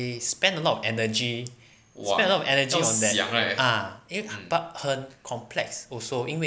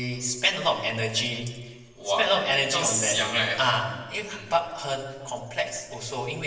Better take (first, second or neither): first